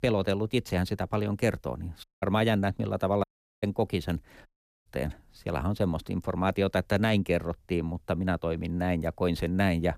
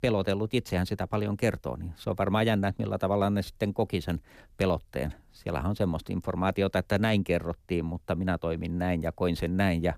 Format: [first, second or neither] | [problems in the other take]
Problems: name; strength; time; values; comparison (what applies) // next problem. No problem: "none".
second | audio cutting out; at 2 s, at 3 s and at 4.5 s